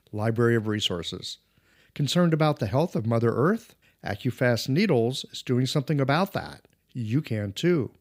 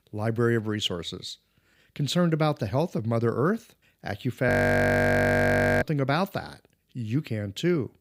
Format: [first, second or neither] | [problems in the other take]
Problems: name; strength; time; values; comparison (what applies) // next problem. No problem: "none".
first | audio freezing; at 4.5 s for 1.5 s